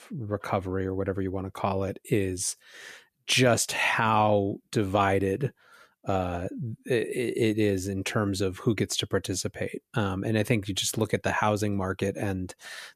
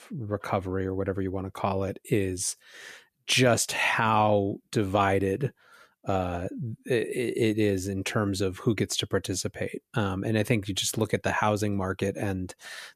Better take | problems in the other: neither | none

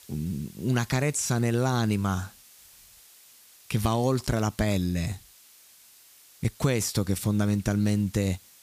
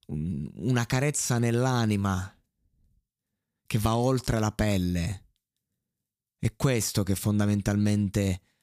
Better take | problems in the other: second | hiss; faint; throughout; 25 dB below the speech

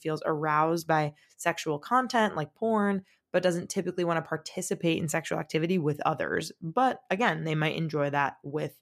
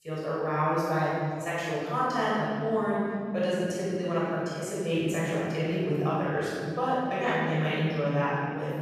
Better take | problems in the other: first | off-mic speech; far // room echo; strong; dies away in 2.6 s

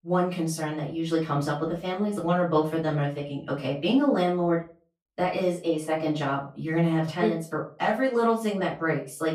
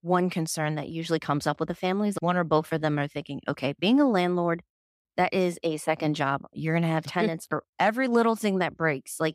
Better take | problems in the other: second | room echo; slight; dies away in 0.3 s // off-mic speech; far

